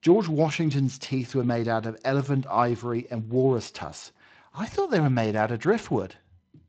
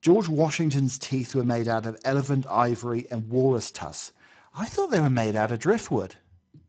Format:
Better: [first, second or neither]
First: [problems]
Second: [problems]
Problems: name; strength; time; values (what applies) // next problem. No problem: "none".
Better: first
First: garbled, watery; slightly; nothing above 7.5 kHz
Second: garbled, watery; badly; nothing above 7.5 kHz